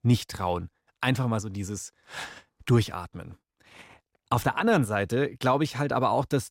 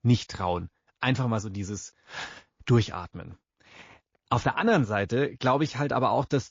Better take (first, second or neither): first